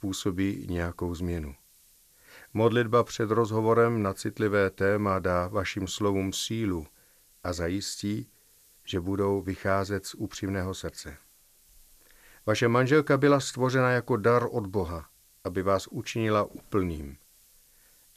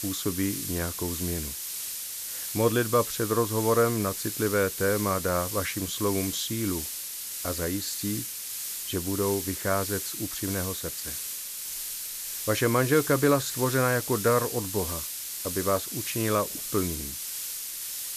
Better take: first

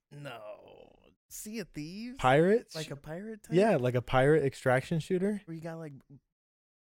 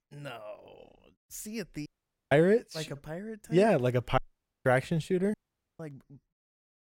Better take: first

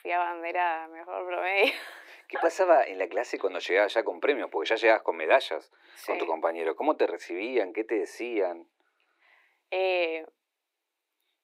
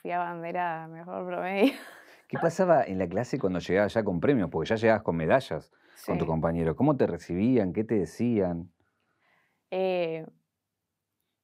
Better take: second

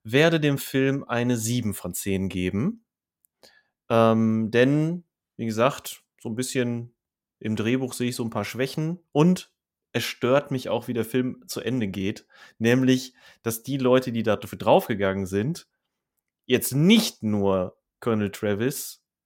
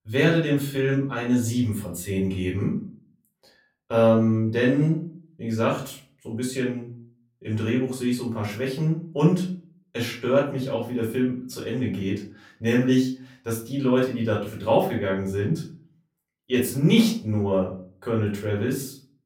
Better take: first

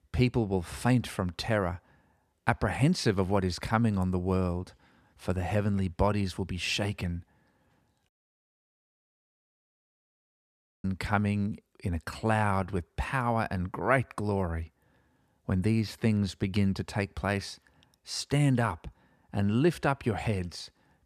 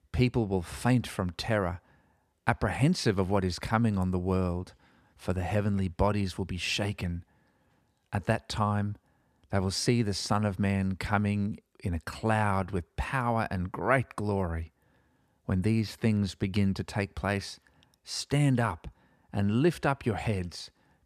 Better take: second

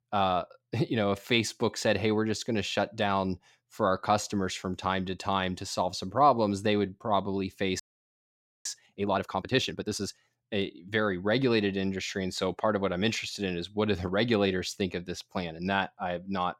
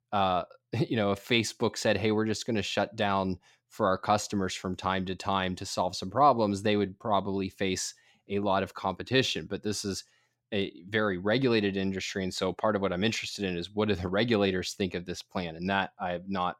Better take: second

